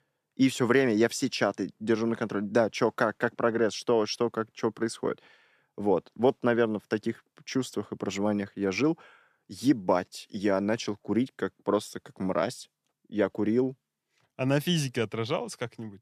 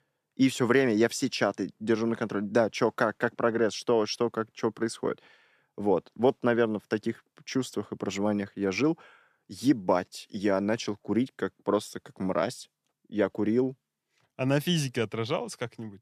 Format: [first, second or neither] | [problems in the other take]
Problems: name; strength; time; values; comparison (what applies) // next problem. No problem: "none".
neither | none